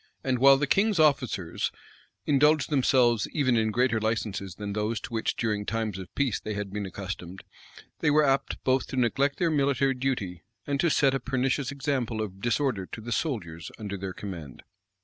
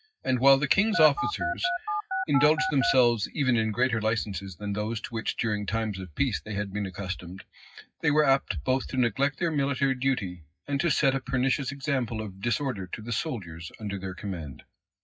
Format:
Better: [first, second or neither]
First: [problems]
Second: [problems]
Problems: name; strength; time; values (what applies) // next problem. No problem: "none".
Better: first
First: none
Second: noise reduction (classical method WPE with log-MMSE)